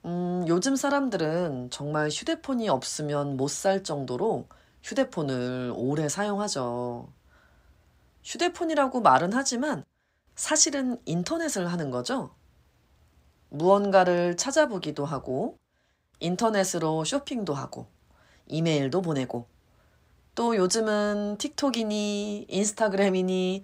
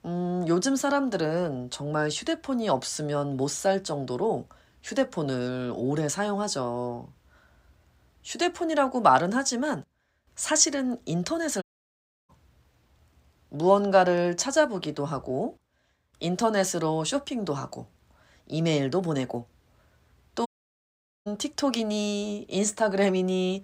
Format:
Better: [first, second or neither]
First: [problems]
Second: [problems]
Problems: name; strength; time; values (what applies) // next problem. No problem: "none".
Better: first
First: none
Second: audio cutting out; at 12 s for 0.5 s and at 20 s for 1 s